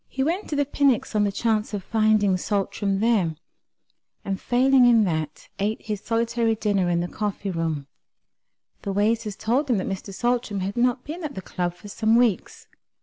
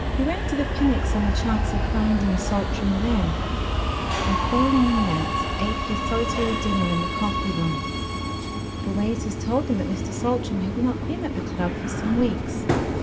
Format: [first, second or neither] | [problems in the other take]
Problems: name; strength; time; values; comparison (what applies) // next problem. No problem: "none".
first | background sound (Subway, metro, underground); as loud as the speech // room echo; dies away in 1.2 s